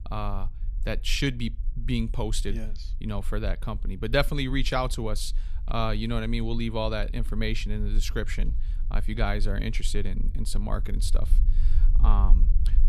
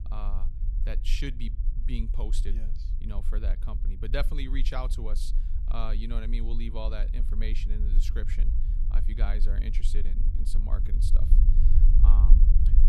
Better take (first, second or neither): first